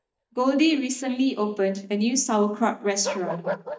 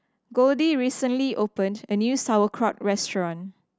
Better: second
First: noise reduction (neural mask model DeepFilterNet 3)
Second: none

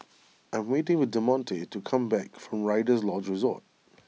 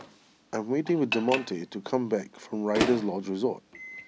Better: first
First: none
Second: background sound (Microwave oven); 7 dB below the speech

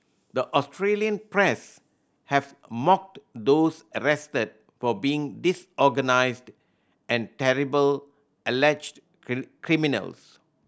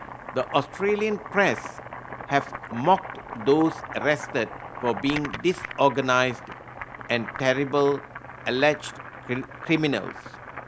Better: first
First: none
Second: background sound (Boiling); 12 dB below the speech

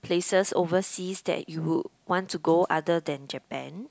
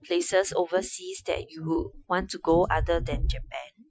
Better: first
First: none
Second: noise reduction (classical method Wiener filter)

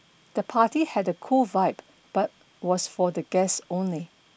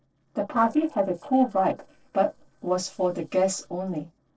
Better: first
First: none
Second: noise reduction (neural separator model SepFormer DNS4)

